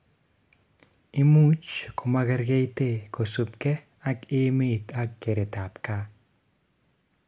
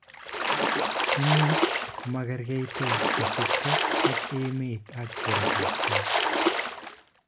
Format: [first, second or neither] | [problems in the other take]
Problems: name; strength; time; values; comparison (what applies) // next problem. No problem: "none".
first | background sound (Splash, splatter); 5 dB above the speech